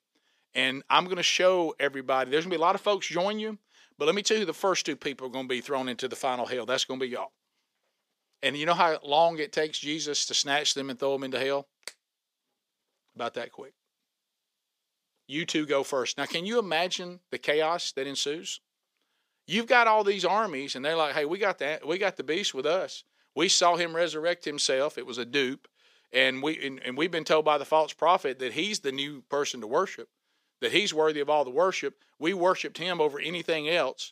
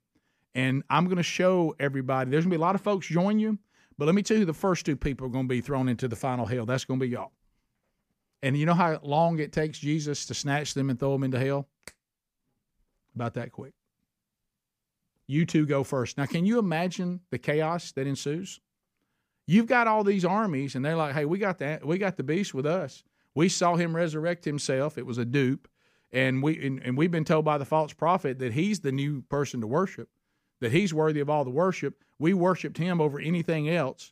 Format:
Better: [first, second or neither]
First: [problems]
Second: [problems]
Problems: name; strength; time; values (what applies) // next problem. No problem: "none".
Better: second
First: thin; somewhat; fading below 450 Hz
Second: none